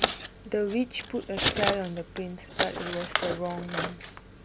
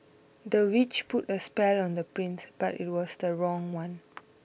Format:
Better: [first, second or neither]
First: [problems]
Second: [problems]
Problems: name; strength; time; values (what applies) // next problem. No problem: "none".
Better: second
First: background sound (Scissors); as loud as the speech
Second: none